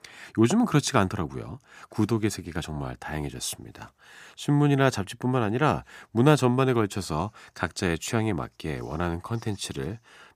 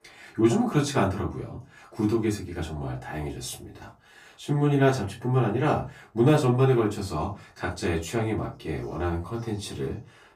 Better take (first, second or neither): first